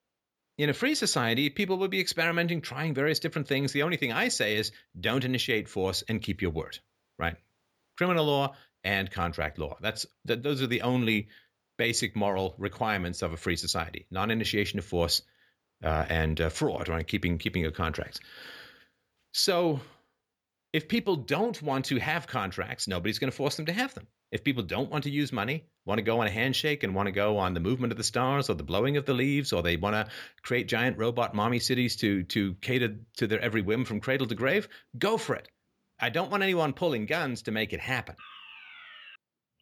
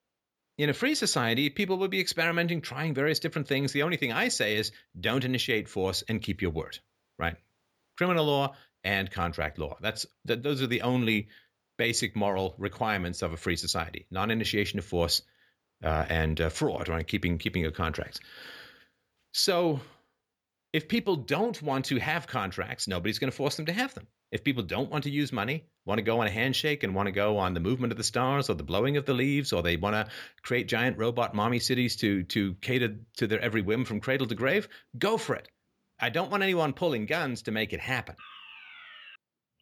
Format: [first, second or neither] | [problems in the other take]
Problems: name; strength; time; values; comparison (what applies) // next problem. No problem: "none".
neither | alarm; faint; at 38 s; peak 15 dB below the speech; the same in both